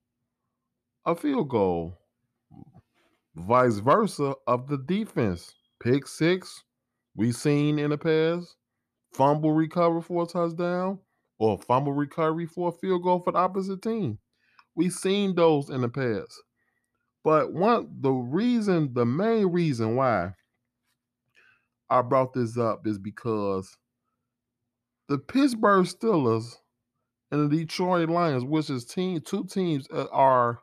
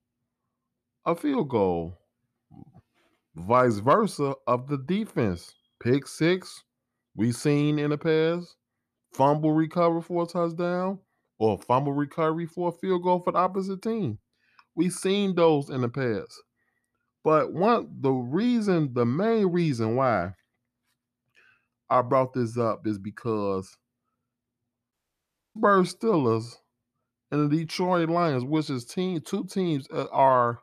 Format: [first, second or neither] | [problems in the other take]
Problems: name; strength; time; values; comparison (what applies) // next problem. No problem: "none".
first | audio cutting out; at 25 s for 0.5 s